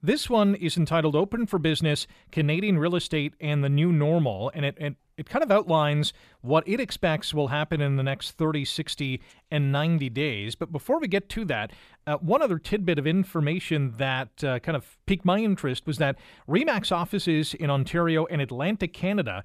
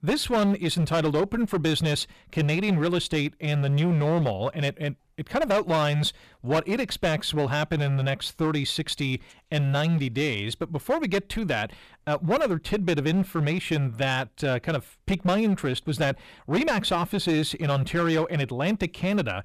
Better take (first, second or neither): first